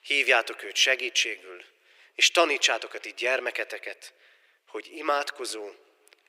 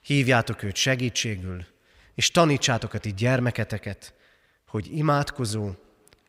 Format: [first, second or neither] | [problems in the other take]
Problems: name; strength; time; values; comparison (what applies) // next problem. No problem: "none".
second | thin; very; fading below 350 Hz